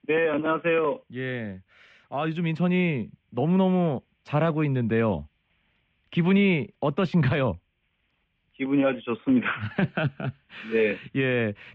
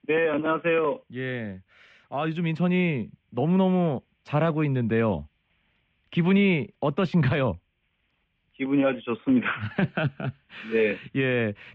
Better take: neither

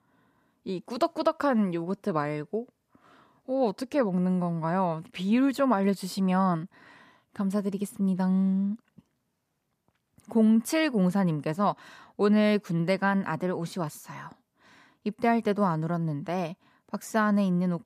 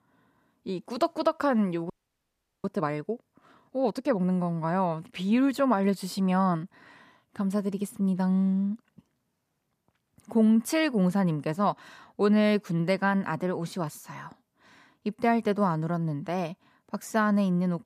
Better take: first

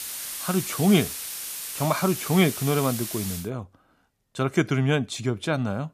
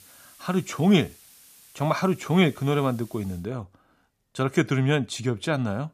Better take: second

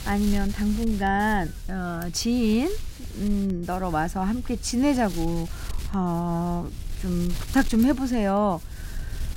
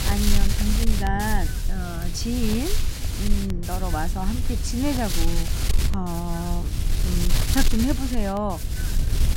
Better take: first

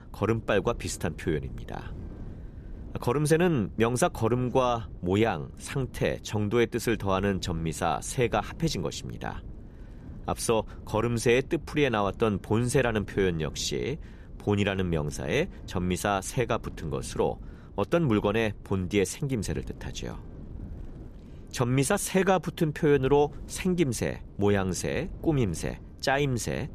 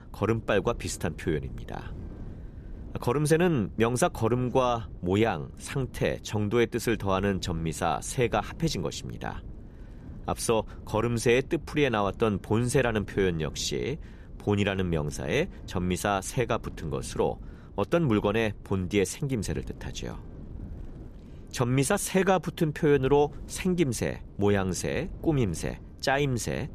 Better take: neither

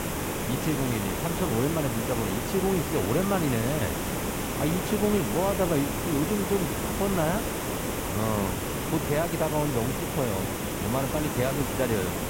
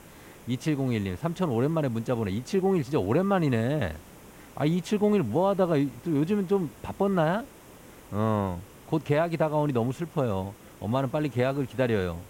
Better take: second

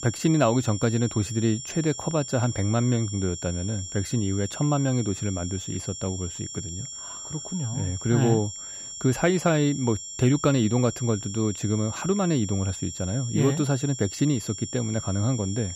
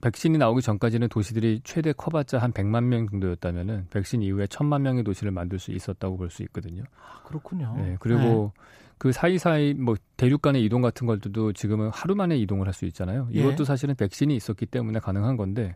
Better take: second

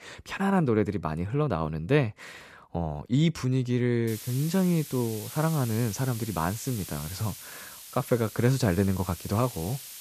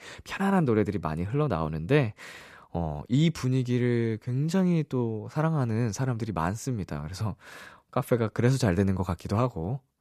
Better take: second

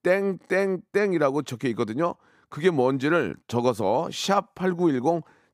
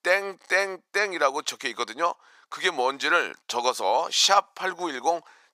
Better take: first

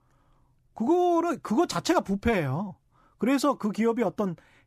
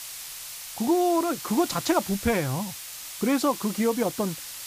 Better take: first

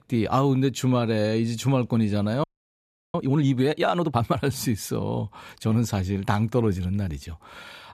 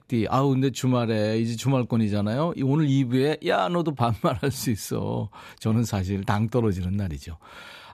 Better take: second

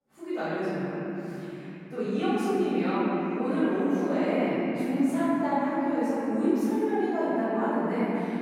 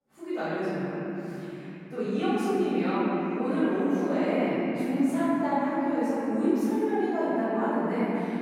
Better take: neither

